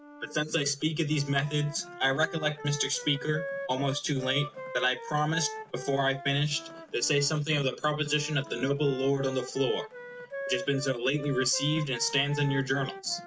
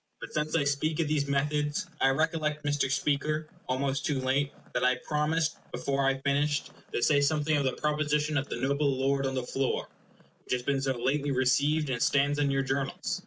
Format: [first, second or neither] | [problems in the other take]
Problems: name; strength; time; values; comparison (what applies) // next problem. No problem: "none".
second | background sound (Wind instrument, woodwind instrument); 13 dB below the speech